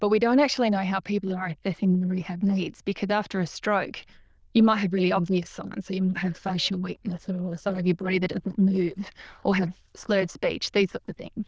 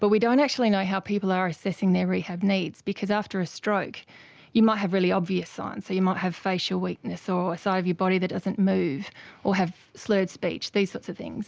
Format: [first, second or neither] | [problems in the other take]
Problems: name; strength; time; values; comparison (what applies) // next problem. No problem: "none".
second | noise reduction (neural diffusion model UNIVERSE++)